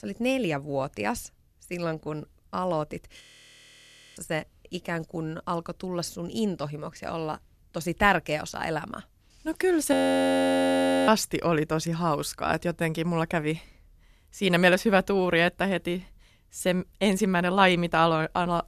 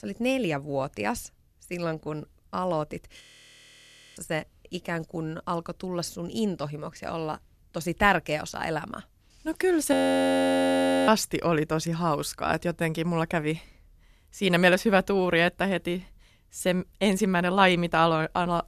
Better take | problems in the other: neither | audio freezing; at 3 s for 1 s and at 10 s for 1 s; the same in both

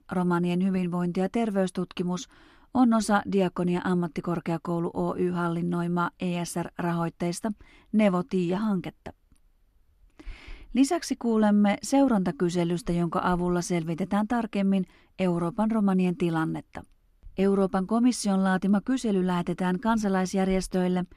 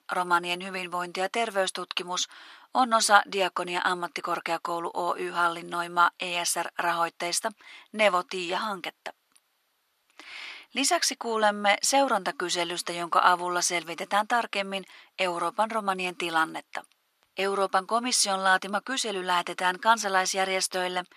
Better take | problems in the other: first | thin; very; fading below 850 Hz

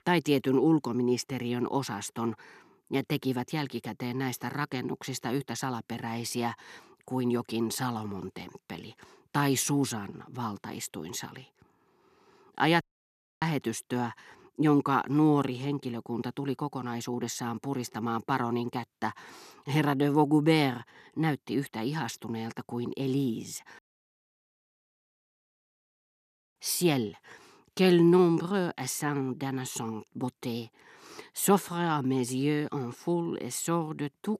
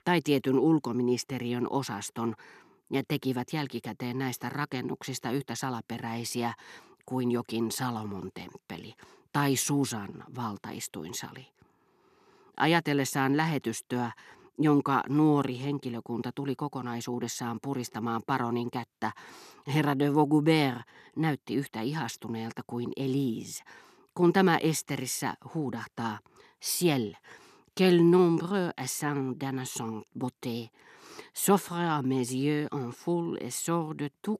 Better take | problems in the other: second | audio cutting out; at 13 s for 0.5 s and at 24 s for 3 s

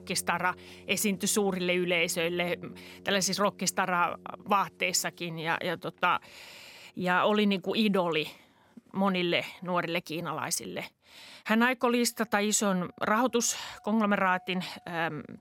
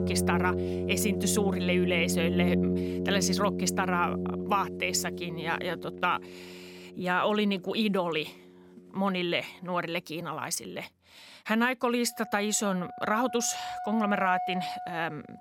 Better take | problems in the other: first | background music; loud; throughout; 3 dB below the speech; faint in the first

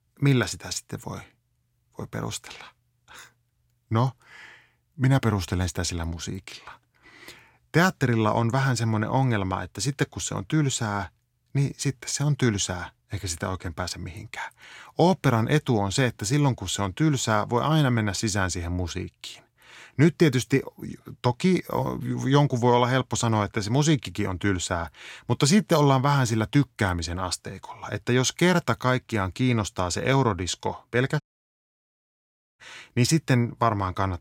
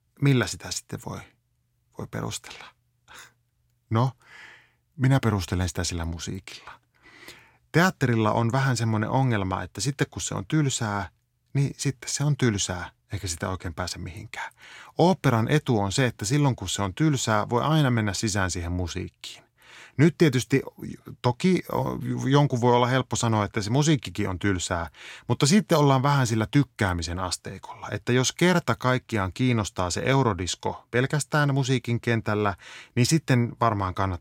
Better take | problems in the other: second | audio cutting out; at 31 s for 1.5 s

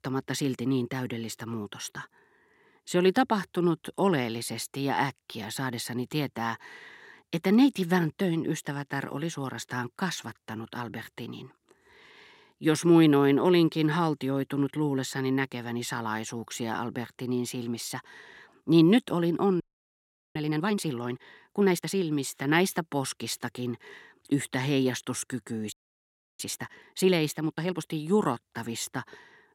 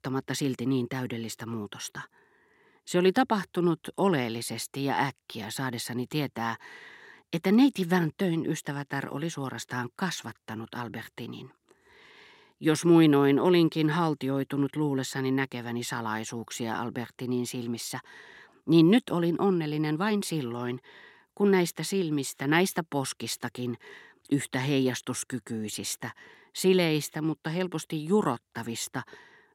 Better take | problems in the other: second | audio freezing; at 20 s for 1 s and at 26 s for 0.5 s

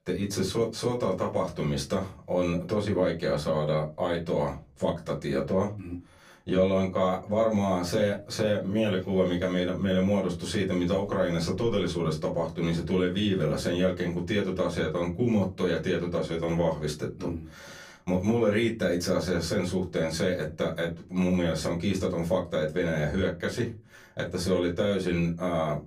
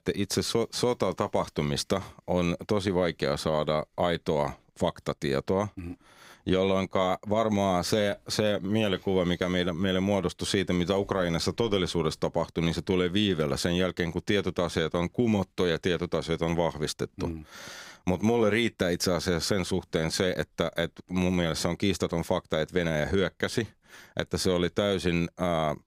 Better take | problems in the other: second | off-mic speech; far // room echo; very slight; dies away in 0.3 s

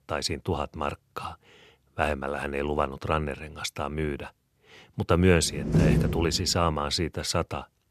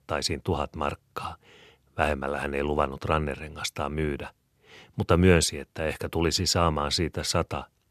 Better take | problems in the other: second | door banging; loud; at 5.5 s; peak 6 dB above the speech

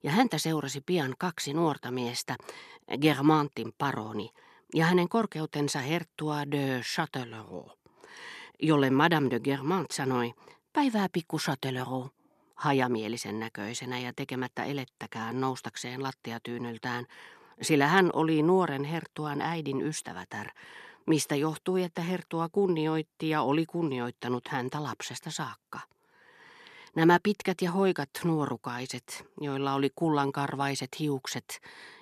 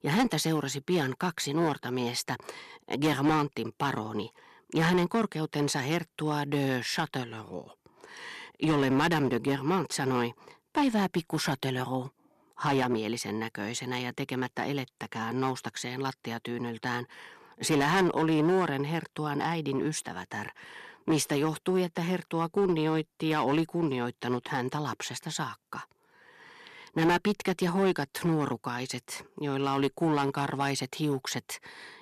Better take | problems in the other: first | distortion; slight; 5% of the sound clipped

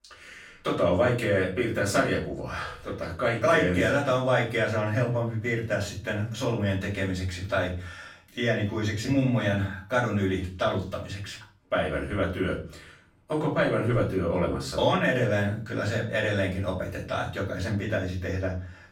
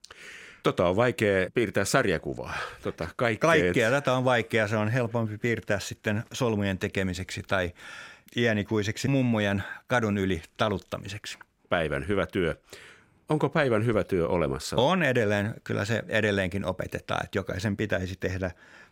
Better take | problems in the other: second | room echo; slight; dies away in 0.4 s // off-mic speech; far

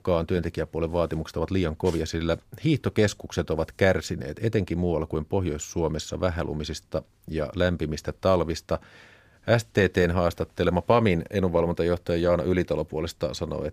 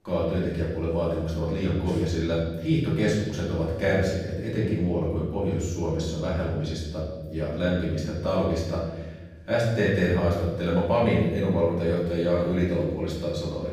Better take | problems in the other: first | off-mic speech; far // room echo; noticeable; dies away in 1.3 s

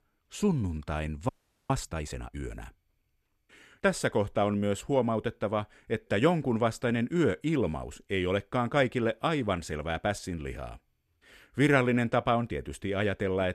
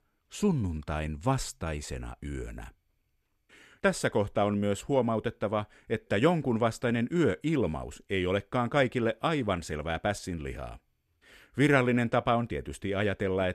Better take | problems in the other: second | audio freezing; at 1.5 s

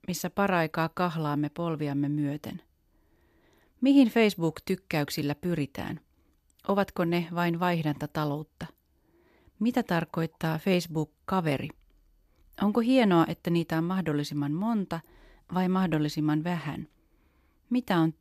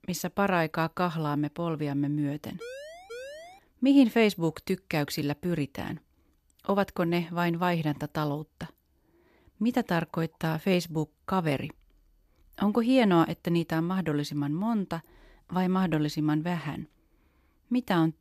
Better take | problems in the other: first | siren; faint; at 2.5 s; peak 15 dB below the speech

